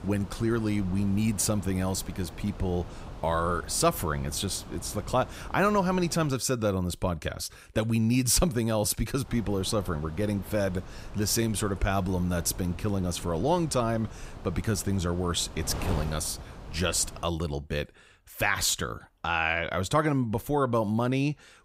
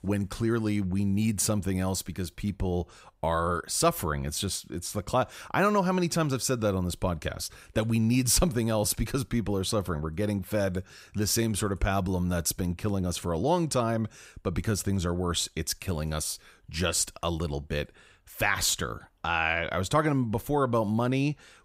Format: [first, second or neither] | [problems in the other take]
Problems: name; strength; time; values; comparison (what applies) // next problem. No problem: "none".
second | wind noise on the microphone; occasional gusts; until 6.5 s and from 9.5 to 17 s; 15 dB below the speech